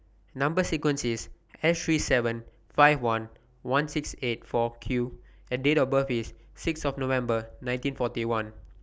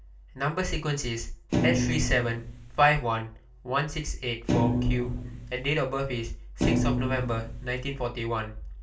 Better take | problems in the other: first | background sound (Thump, thud); 1 dB above the speech // room echo; dies away in 0.3 s

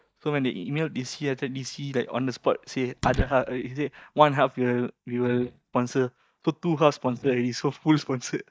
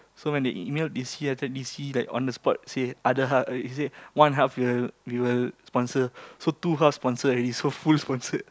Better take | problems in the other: second | noise reduction (neural mask model DeepFilterNet 3)

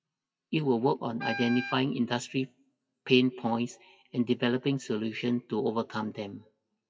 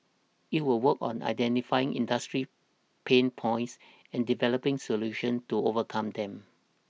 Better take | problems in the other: second | noise reduction (classical method WPE with log-MMSE)

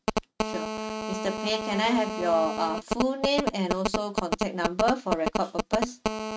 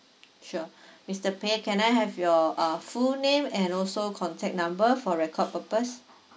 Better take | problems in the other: second | noise reduction (neural mask model RNNoise)

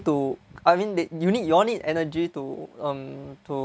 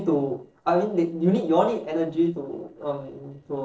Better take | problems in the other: first | noise reduction (neural separator model SepFormer DNS4)

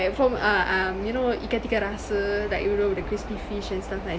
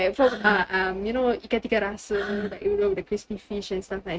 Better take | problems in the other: first | noise reduction (neural mask model RNNoise)

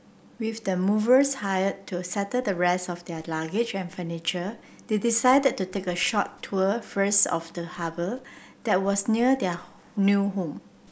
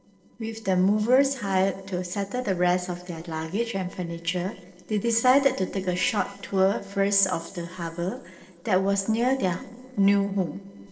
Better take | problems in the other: first | noise reduction (neural separator model SepFormer DNS4)

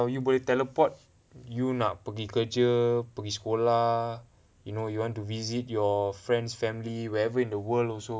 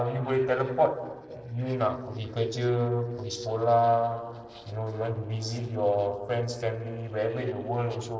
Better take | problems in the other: first | noise reduction (neural separator model SepFormer DNS4)

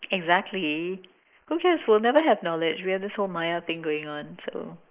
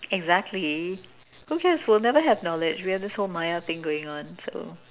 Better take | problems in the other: second | noise reduction (neural mask model Resemble Enhance denoiser)

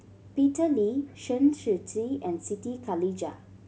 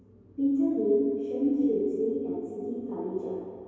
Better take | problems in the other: first | room echo; dies away in 2.2 s

